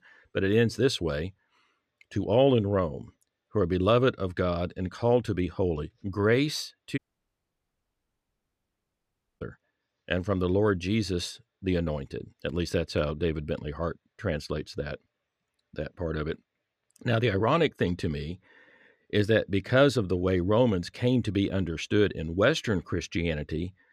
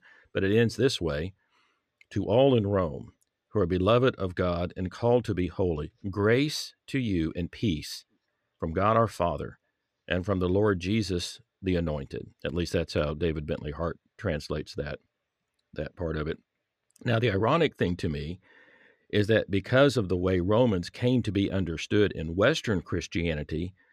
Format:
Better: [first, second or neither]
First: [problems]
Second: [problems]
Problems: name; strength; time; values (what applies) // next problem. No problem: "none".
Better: second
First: audio cutting out; at 7 s for 2.5 s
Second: none